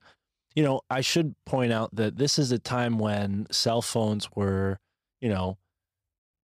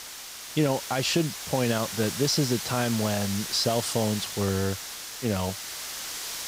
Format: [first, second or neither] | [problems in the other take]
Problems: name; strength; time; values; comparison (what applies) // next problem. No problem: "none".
first | hiss; loud; throughout; 6 dB below the speech